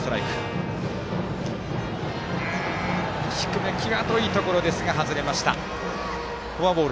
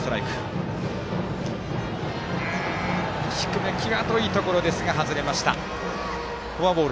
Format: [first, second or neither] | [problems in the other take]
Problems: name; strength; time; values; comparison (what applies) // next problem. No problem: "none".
second | background sound (Bowed string instrument); 15 dB below the speech